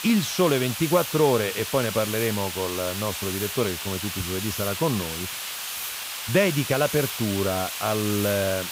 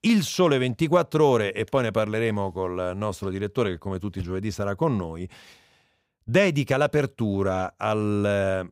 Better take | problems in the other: second | hiss; loud; throughout; 5 dB below the speech

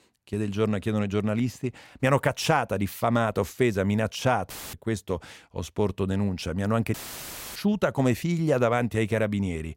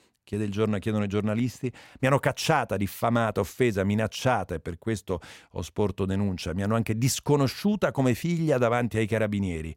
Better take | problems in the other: second | audio cutting out; filled with static; at 4.5 s and at 7 s for 0.5 s

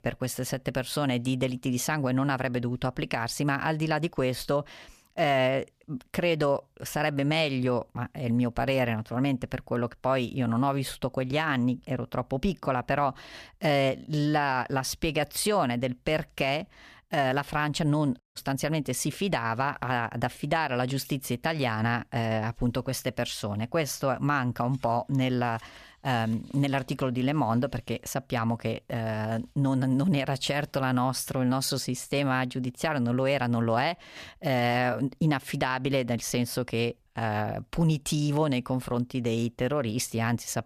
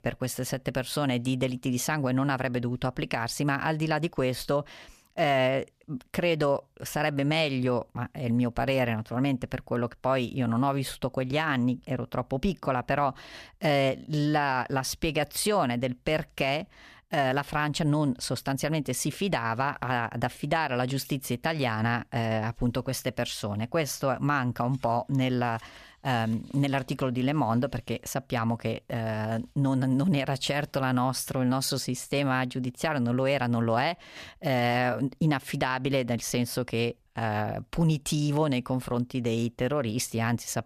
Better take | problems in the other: second | audio cutting out; at 18 s

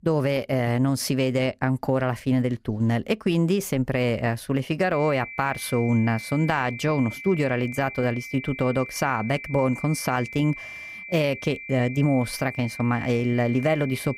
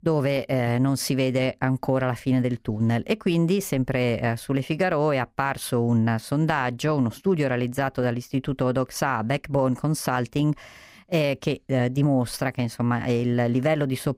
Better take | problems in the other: second | high-pitched whine; noticeable; from 5 s on; 2.5 kHz, 10 dB below the speech

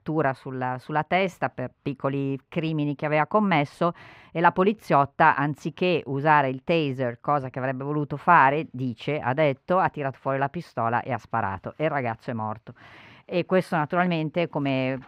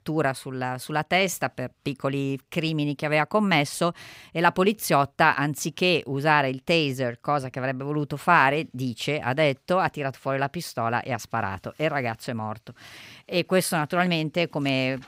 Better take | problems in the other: second | muffled; very; fading above 4 kHz

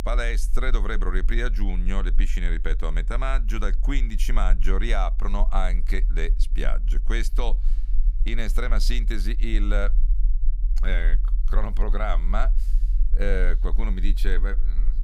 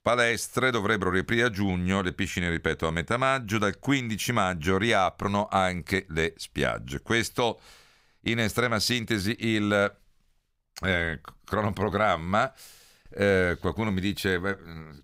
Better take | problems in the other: second | low rumble; noticeable; throughout; 20 dB below the speech

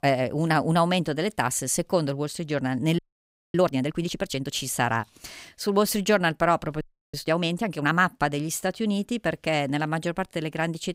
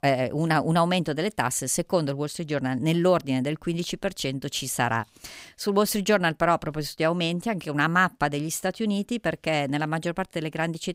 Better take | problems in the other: second | audio freezing; at 3 s for 0.5 s and at 7 s

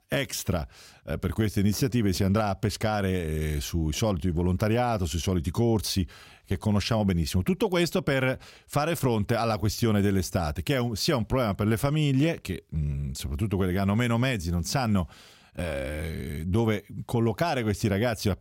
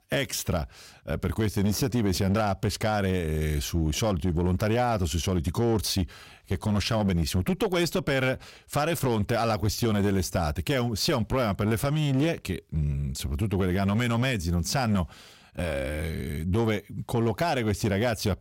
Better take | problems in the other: first | distortion; slight; 10% of the sound clipped

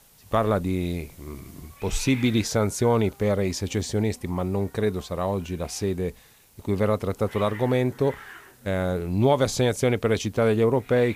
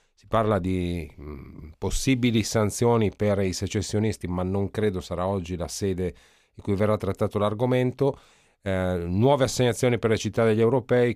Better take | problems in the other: second | hiss; faint; throughout; 20 dB below the speech

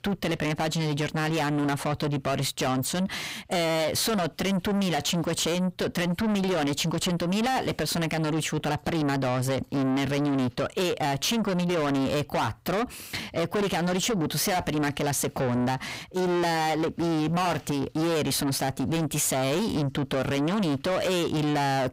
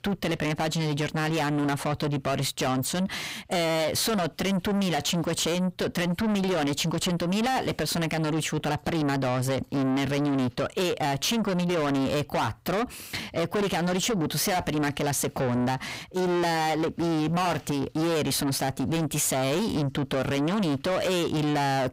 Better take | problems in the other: neither | distortion; heavy; 6 dB below the speech; the same in both

